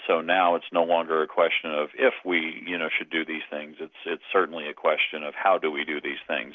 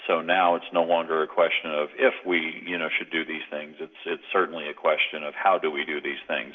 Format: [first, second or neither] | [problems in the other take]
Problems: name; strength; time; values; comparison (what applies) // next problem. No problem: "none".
first | room echo; dies away in 0.7 s